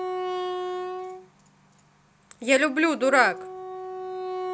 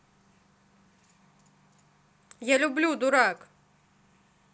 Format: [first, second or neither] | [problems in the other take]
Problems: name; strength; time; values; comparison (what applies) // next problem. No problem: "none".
second | background sound (Wind instrument, woodwind instrument); 6 dB below the speech